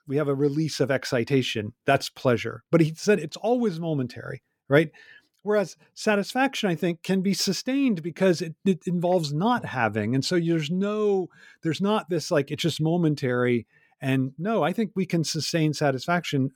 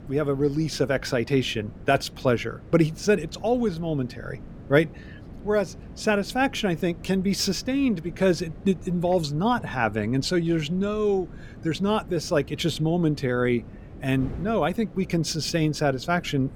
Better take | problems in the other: first | wind noise on the microphone; occasional gusts; 25 dB below the speech

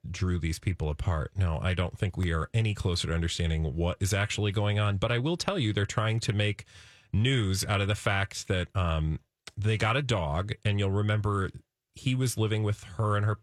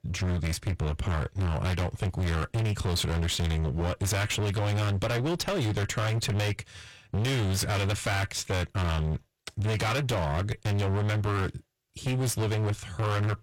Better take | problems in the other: first | distortion; heavy; 38% of the sound clipped

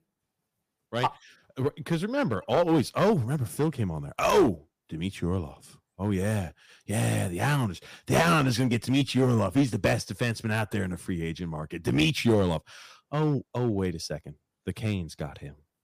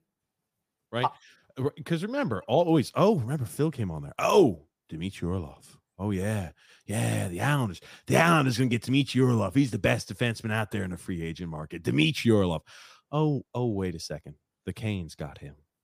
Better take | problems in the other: second | distortion; slight; 3% of the sound clipped

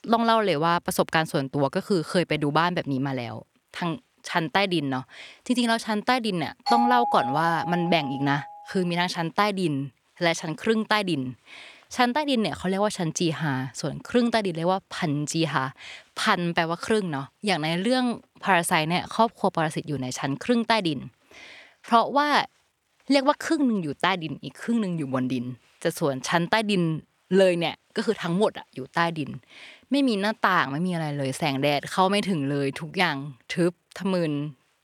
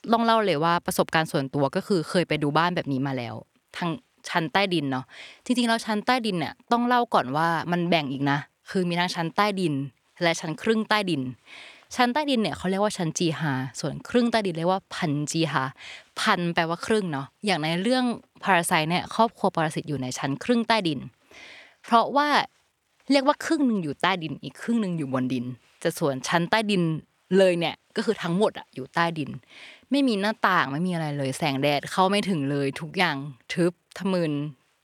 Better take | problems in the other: second | doorbell; loud; from 6.5 to 8.5 s; peak 1 dB above the speech

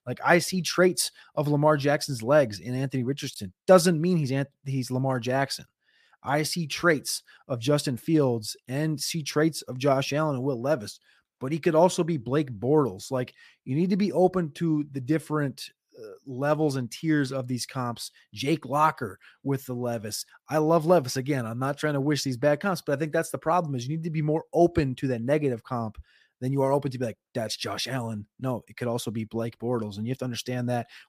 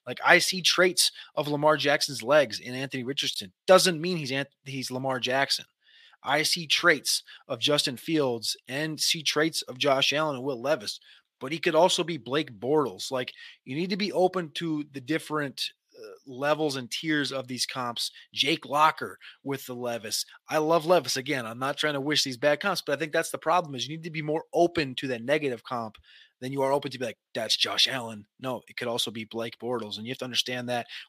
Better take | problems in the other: first | thin; very slightly; fading below 450 Hz

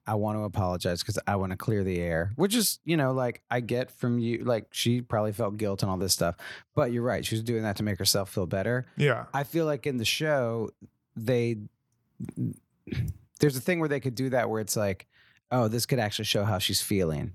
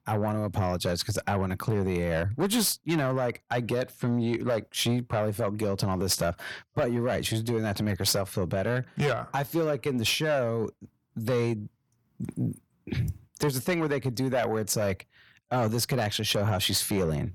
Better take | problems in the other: first | distortion; slight; 10 dB below the speech

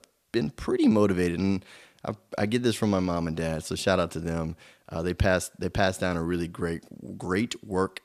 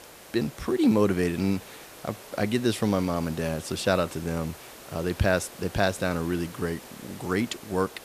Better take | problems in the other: first | hiss; noticeable; throughout; 15 dB below the speech

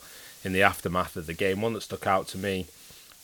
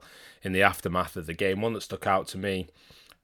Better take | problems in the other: second | hiss; faint; throughout; 20 dB below the speech

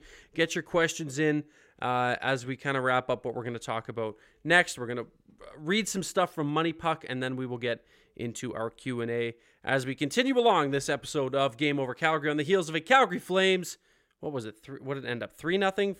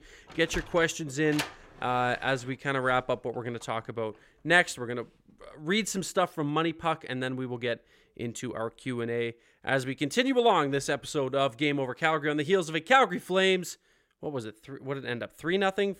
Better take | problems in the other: first | door banging; noticeable; until 1.5 s; peak 6 dB below the speech

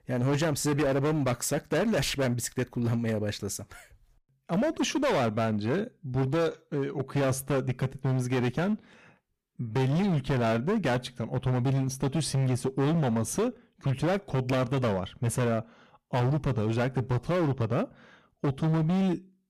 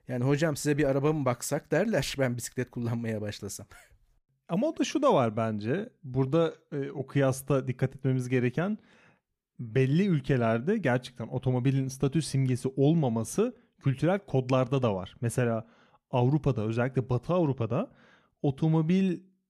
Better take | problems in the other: second | distortion; heavy; 19% of the sound clipped

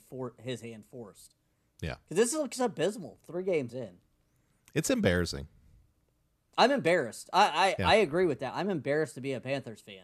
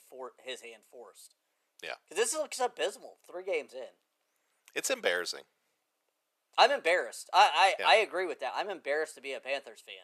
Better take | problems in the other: first | thin; very; fading below 500 Hz

